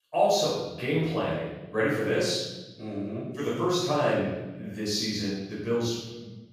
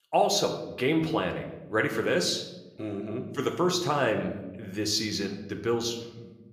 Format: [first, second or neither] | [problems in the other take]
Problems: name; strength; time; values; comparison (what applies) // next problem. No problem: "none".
second | room echo; strong; dies away in 1 s; slight in the second // off-mic speech; far